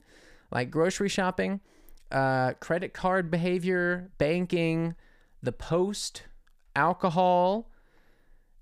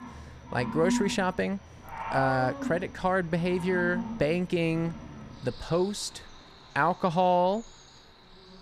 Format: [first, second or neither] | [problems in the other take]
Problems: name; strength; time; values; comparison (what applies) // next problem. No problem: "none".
first | animal sounds; loud; throughout; 9 dB below the speech